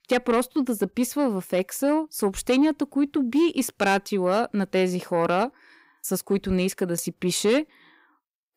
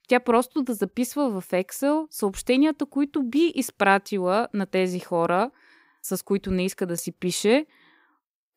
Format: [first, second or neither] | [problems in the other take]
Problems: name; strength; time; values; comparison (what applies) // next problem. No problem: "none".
second | distortion; slight; 10 dB below the speech